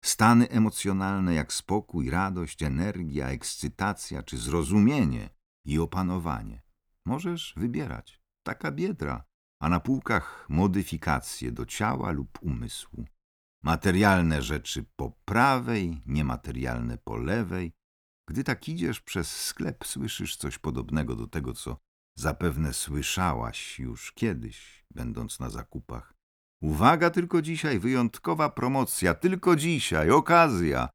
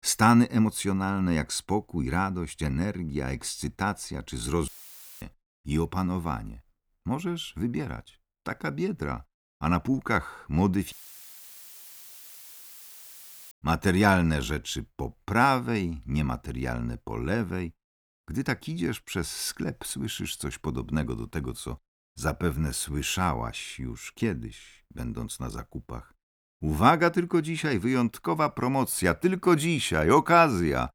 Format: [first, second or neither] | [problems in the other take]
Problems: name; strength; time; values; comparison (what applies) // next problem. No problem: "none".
first | audio cutting out; filled with static; at 4.5 s for 0.5 s and at 11 s for 2.5 s